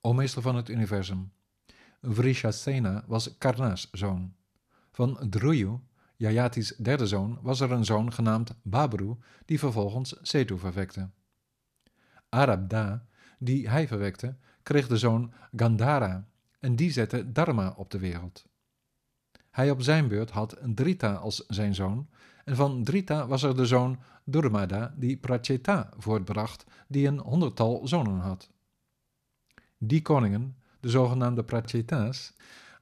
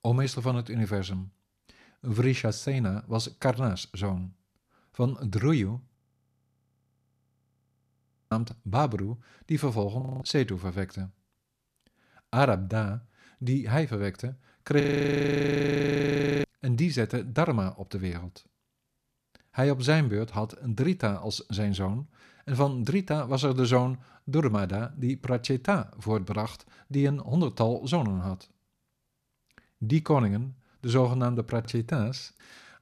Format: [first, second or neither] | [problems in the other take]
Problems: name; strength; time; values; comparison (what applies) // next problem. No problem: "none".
first | audio freezing; at 6 s for 2.5 s, at 10 s and at 15 s for 1.5 s